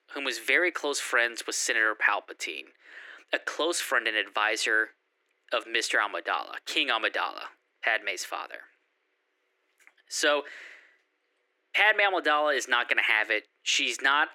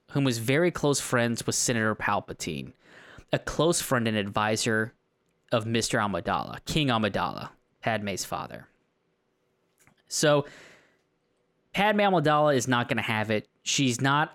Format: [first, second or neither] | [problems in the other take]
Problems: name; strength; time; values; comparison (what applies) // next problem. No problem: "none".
second | thin; very; fading below 300 Hz